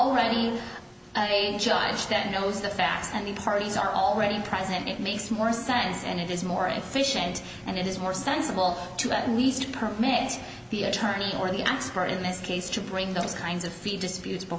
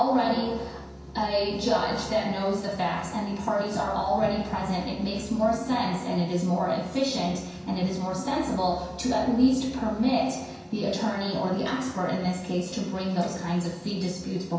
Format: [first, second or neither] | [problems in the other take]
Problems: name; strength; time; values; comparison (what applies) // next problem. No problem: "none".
first | background sound (Bowed string instrument); 19 dB below the speech // room echo; dies away in 0.6 s